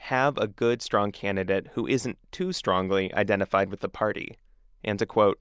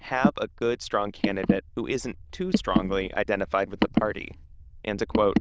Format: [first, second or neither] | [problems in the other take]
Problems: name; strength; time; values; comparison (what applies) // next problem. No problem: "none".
first | noise reduction (neural diffusion model UNIVERSE++)